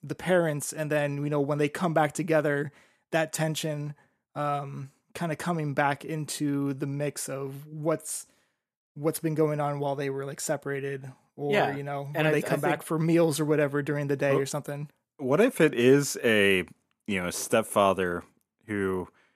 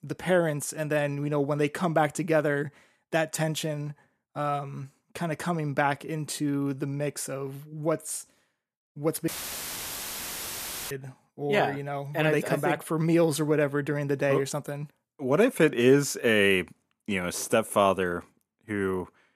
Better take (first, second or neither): first